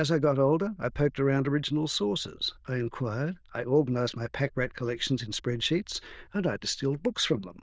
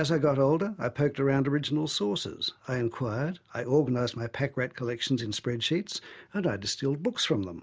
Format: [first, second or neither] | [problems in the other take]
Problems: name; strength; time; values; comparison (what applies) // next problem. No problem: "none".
second | noise reduction (neural diffusion model UNIVERSE++)